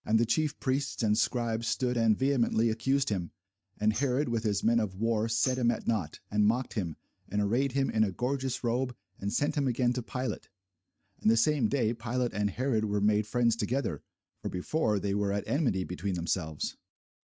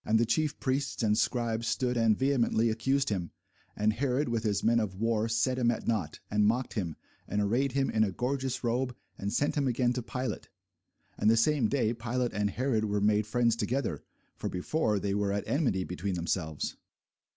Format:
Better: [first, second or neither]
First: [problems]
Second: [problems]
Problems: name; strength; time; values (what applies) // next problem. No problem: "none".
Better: second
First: noise reduction (neural mask model RNNoise)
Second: none